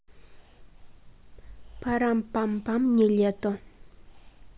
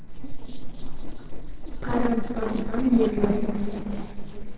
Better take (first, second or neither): first